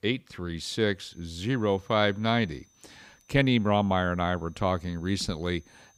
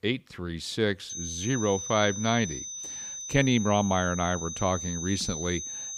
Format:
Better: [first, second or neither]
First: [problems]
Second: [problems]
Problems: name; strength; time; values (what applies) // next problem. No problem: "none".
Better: first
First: high-pitched whine; faint; from 1 s on; 6 kHz, 35 dB below the speech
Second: high-pitched whine; loud; from 1 s on; 6 kHz, 7 dB below the speech